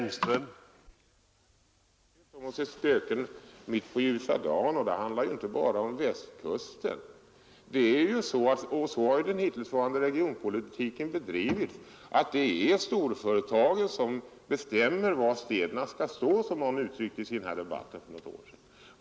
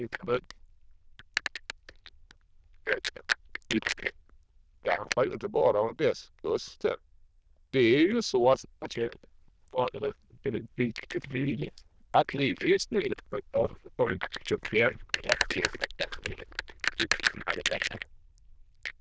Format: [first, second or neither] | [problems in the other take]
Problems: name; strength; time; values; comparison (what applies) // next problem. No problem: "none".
first | noise reduction (neural diffusion model UNIVERSE++)